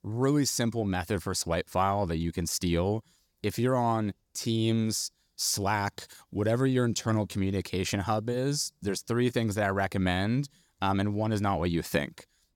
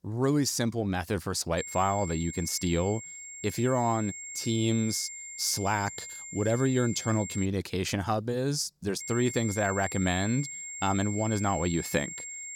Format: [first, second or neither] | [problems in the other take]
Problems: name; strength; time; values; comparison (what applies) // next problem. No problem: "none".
first | high-pitched whine; loud; from 1.5 to 7.5 s and from 9 s on; 7.5 kHz, 9 dB below the speech